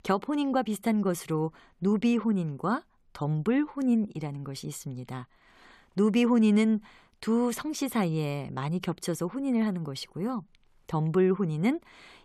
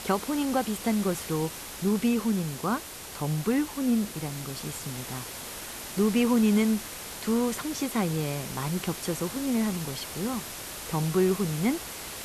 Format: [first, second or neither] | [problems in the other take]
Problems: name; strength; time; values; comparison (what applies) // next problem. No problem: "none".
first | hiss; loud; throughout; 8 dB below the speech